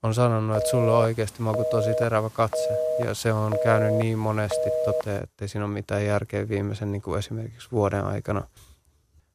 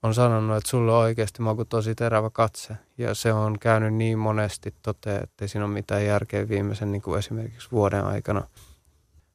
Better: second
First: phone ringing; loud; from 0.5 to 5 s; peak 2 dB above the speech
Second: none

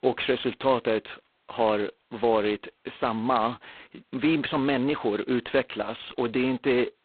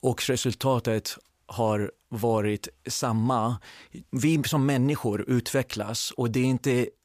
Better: second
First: phone-call audio; poor line; nothing above 4 kHz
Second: none

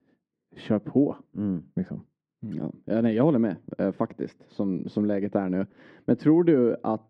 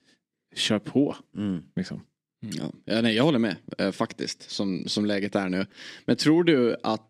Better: second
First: muffled; very; fading above 2.5 kHz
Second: none

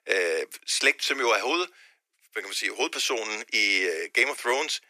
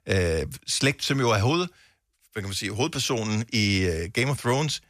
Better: second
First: thin; very; fading below 350 Hz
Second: none

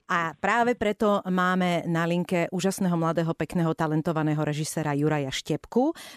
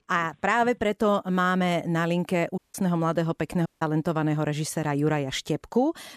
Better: first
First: none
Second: audio cutting out; at 2.5 s and at 3.5 s

